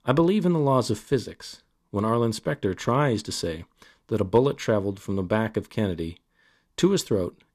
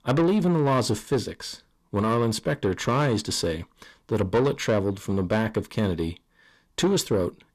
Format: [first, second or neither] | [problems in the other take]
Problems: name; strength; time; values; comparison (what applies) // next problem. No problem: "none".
first | distortion; slight; 10 dB below the speech